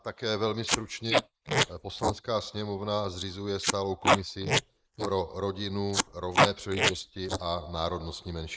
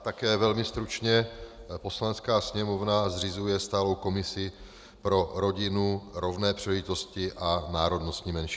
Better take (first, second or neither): second